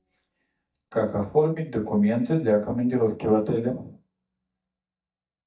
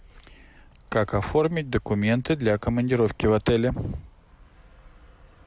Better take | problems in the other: second | noise reduction (neural mask model DeepFilterNet 3)

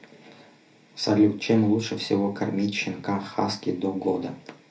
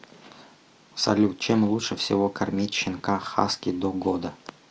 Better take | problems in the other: second | room echo; dies away in 0.3 s

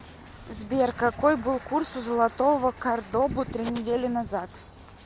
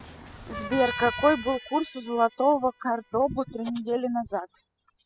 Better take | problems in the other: first | noise reduction (classical method spectral subtraction)

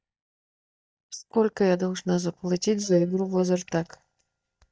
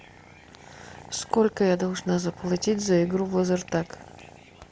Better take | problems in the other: second | noise reduction (neural mask model DeepFilterNet 3)

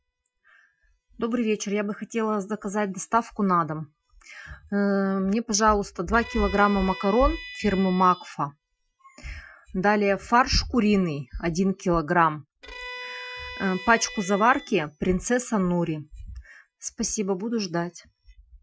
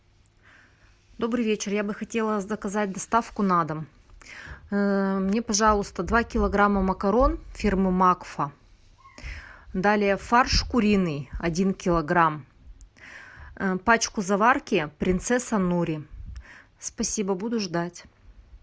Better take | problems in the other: second | noise reduction (classical method Wiener filter)

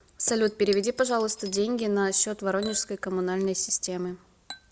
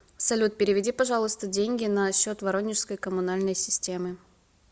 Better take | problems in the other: second | background sound (Chink, clink / Liquid); 19 dB below the speech

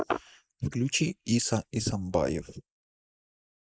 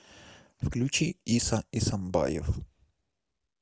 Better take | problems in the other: second | noise reduction (neural mask model Resemble Enhance denoiser)

